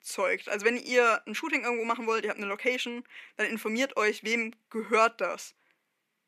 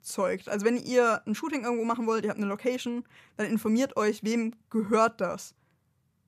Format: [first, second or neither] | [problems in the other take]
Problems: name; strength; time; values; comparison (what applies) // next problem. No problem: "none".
second | thin; somewhat; fading below 250 Hz